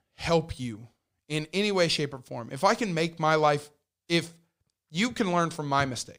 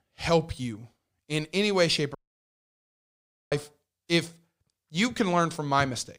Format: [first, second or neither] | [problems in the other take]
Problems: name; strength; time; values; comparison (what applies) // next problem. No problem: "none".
first | audio cutting out; at 2 s for 1.5 s